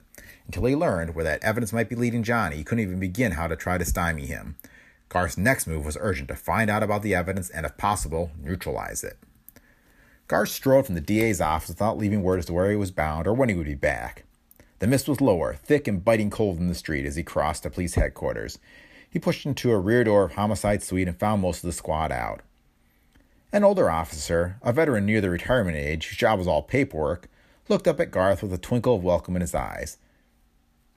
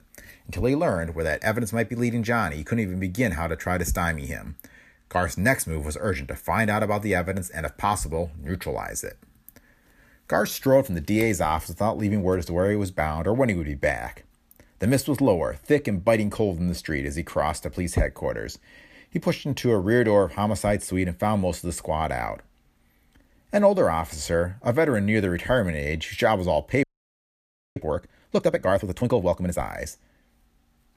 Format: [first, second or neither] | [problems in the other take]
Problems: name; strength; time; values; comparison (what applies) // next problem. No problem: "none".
first | audio freezing; at 27 s for 1 s